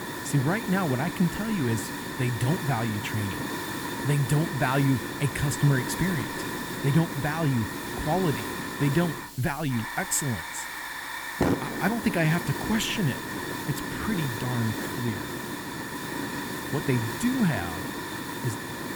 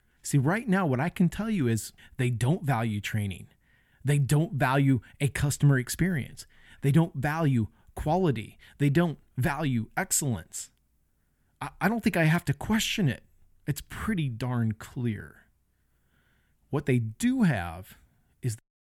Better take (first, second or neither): second